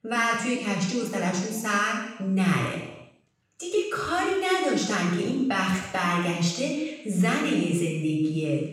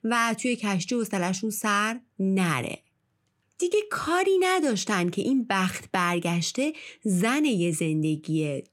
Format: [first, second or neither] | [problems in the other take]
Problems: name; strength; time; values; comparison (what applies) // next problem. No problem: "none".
second | room echo; noticeable; dies away in 0.9 s // off-mic speech; far